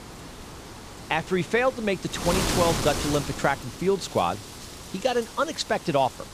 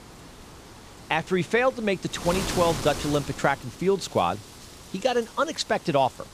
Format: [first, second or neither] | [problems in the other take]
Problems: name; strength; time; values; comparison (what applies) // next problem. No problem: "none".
second | wind noise on the microphone; heavy; 8 dB below the speech; occasional gusts in the second